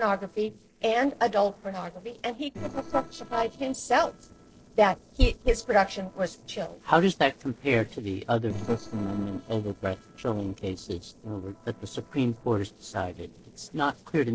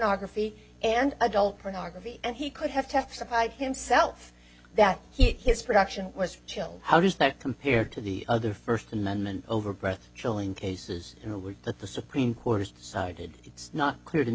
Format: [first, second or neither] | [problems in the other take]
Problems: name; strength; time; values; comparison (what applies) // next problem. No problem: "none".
second | noise reduction (neural separator model SepFormer DNS4)